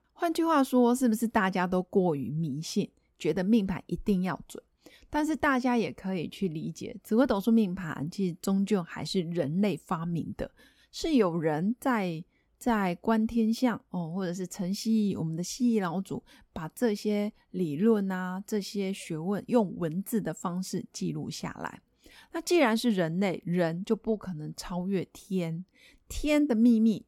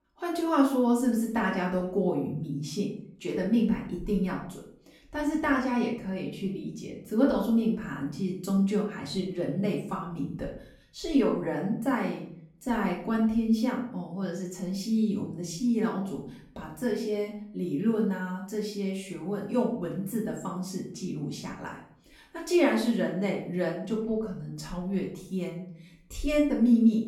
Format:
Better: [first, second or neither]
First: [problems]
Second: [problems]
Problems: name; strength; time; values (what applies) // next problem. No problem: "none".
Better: first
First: none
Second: off-mic speech; far // room echo; noticeable; dies away in 0.5 s